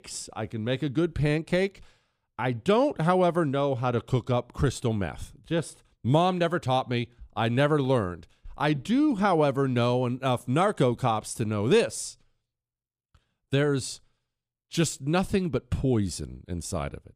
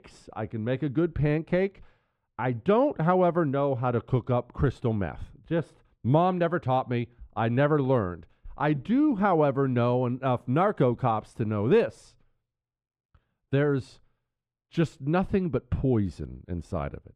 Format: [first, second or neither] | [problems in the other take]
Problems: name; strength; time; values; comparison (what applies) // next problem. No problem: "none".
first | muffled; very; fading above 4 kHz